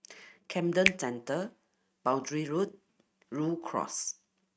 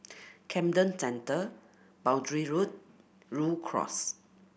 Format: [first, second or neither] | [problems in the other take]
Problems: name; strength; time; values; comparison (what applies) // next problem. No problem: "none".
second | noise reduction (neural mask model RNNoise)